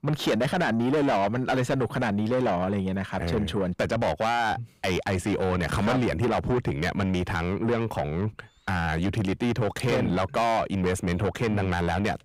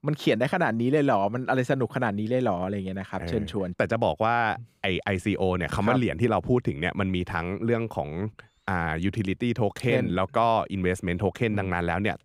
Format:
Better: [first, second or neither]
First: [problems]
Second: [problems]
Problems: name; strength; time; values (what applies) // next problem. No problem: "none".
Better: second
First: distortion; heavy; 7 dB below the speech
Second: none